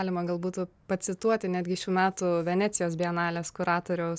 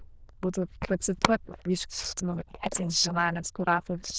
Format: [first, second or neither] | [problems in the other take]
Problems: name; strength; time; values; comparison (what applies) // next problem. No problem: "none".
first | noise reduction (neural diffusion model UNIVERSE++)